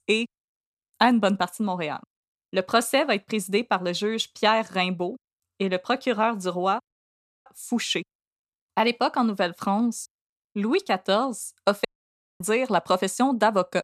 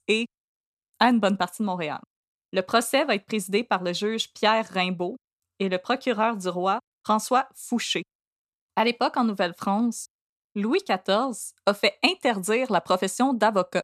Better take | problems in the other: second | audio cutting out; at 7 s for 0.5 s and at 12 s for 0.5 s

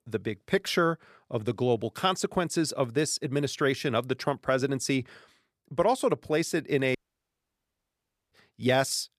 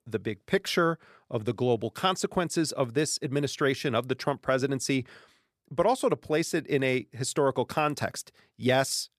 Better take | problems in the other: second | audio cutting out; at 7 s for 1.5 s

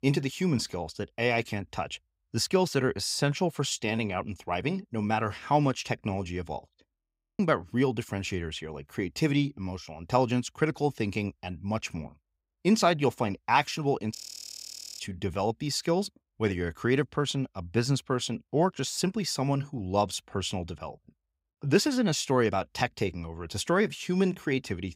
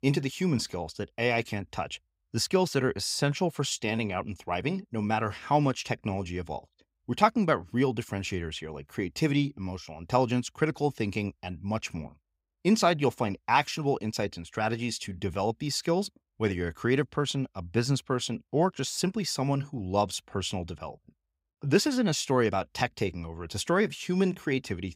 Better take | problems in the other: second | audio freezing; at 7 s and at 14 s for 1 s

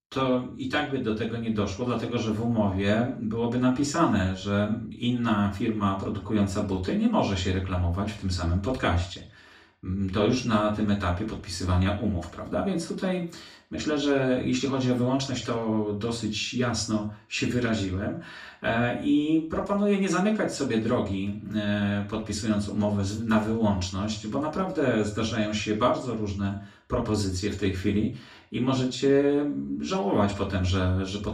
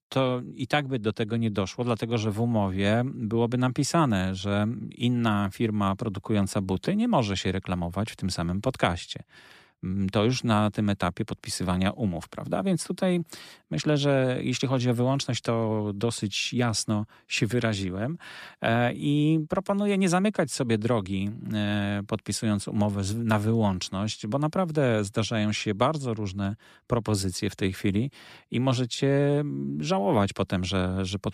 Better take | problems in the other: second | room echo; slight; dies away in 0.3 s // off-mic speech; far

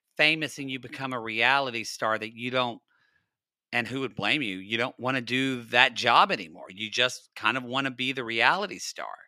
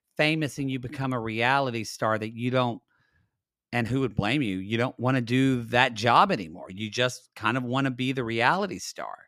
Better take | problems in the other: second | thin; very slightly; fading below 700 Hz

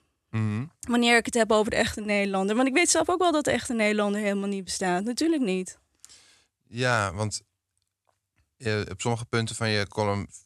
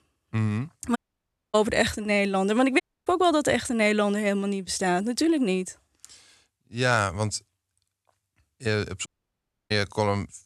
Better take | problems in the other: first | audio cutting out; at 1 s for 0.5 s, at 3 s and at 9 s for 0.5 s

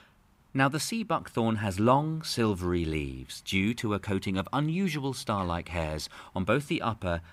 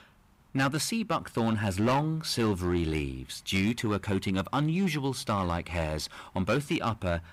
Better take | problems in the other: first | distortion; slight; 6% of the sound clipped

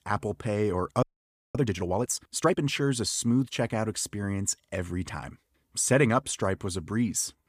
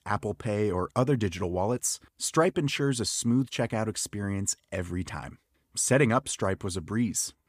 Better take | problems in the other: second | audio freezing; at 1 s for 0.5 s

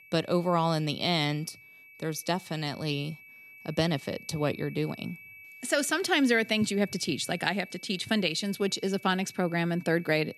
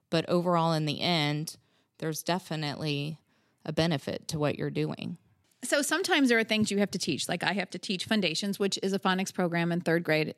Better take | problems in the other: second | high-pitched whine; noticeable; throughout; 2.5 kHz, 20 dB below the speech

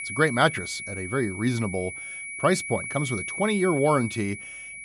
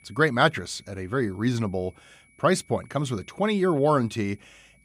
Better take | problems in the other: second | high-pitched whine; loud; throughout; 2.5 kHz, 7 dB below the speech; faint in the second

